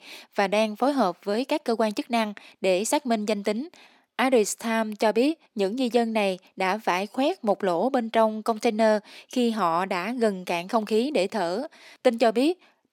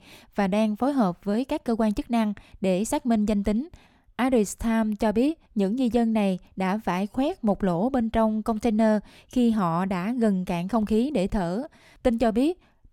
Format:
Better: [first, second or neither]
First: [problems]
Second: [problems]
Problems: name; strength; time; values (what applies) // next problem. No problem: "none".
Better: second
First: thin; somewhat; fading below 300 Hz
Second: none